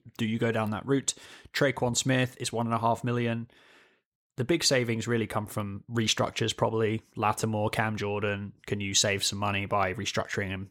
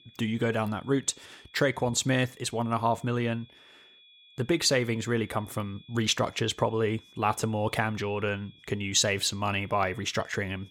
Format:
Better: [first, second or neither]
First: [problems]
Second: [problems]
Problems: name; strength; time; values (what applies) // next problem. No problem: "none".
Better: first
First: none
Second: high-pitched whine; faint; throughout; 3.5 kHz, 25 dB below the speech